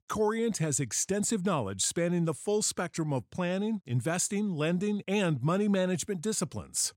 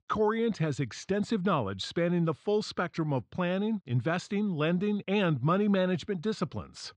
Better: first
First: none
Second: muffled; slightly; fading above 4 kHz

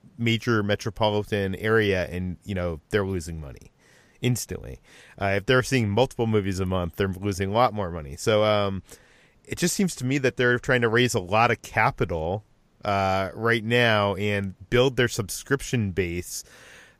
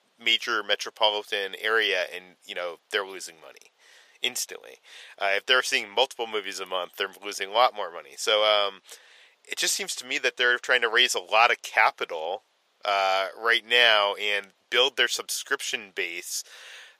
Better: first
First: none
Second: thin; very; fading below 550 Hz

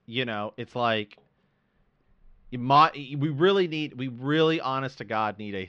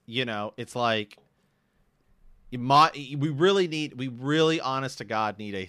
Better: second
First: muffled; very slightly; fading above 4 kHz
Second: none

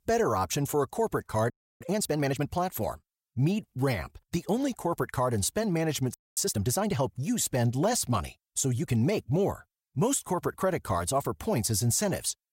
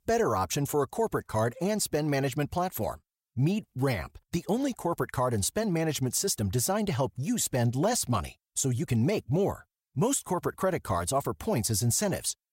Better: second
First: audio freezing; at 1.5 s and at 6 s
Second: none

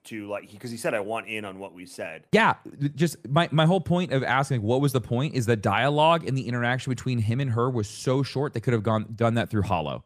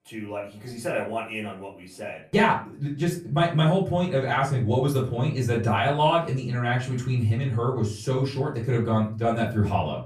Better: first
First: none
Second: off-mic speech; far // room echo; slight; dies away in 0.3 s

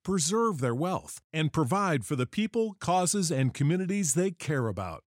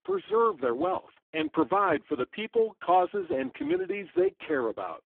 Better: first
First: none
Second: phone-call audio; poor line

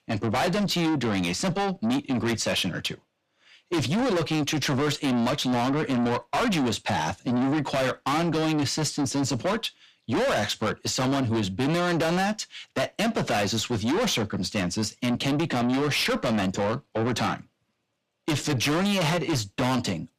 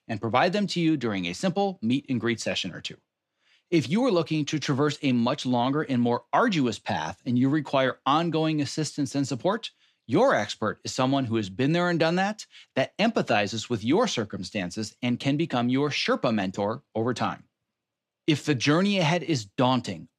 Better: second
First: distortion; heavy; 6 dB below the speech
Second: none

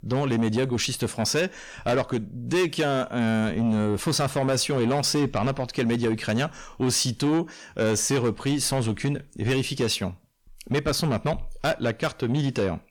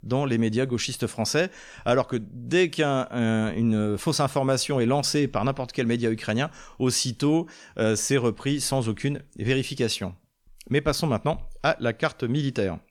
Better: second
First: distortion; slight; 10 dB below the speech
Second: none

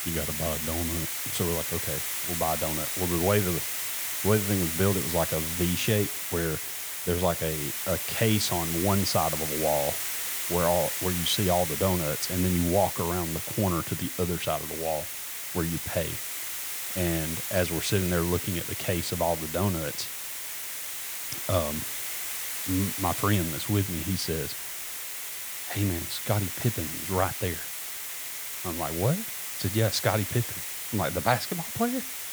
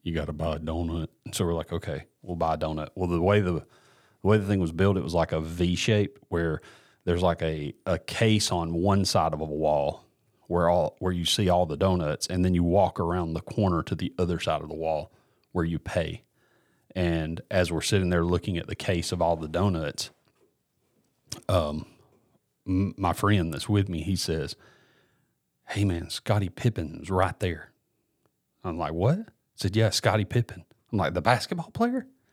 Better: second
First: hiss; loud; throughout; 1 dB below the speech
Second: none

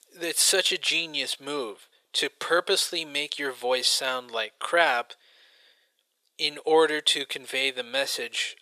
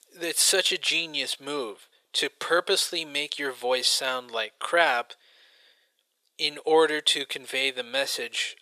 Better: neither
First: thin; very; fading below 450 Hz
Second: thin; very; fading below 450 Hz

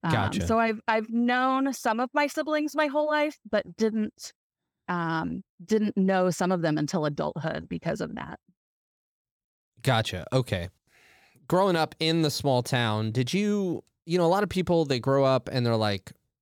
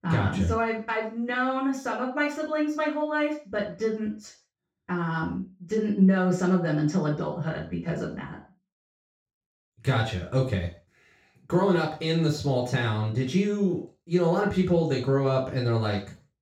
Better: first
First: none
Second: room echo; noticeable; dies away in 0.3 s // off-mic speech; far

